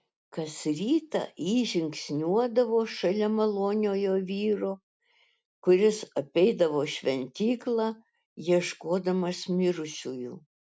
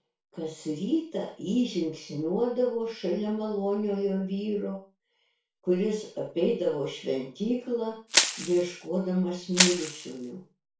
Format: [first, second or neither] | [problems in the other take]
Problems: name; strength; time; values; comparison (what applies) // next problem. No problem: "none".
first | background sound (Crushing); 1 dB above the speech // room echo; dies away in 0.3 s